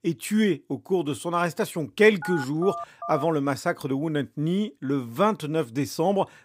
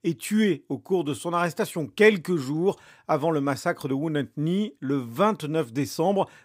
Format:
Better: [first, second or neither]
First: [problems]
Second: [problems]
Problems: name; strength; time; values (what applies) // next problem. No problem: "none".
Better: second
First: phone ringing; noticeable; from 2 to 3 s; peak 9 dB below the speech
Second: none